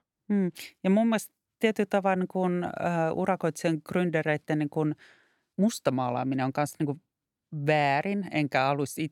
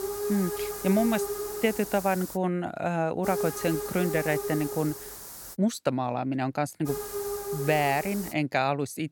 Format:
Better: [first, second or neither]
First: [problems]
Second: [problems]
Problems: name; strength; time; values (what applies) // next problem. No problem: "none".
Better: first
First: none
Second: hiss; loud; until 2.5 s, from 3.5 to 5.5 s and from 7 to 8.5 s; 6 dB below the speech